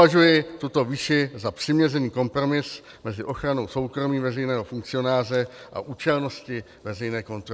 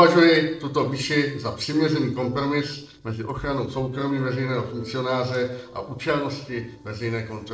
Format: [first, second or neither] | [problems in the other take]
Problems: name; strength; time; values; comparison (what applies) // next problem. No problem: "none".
first | noise reduction (neural separator model SepFormer DNS4)